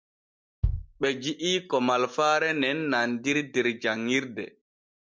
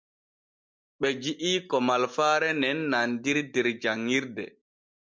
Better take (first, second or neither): second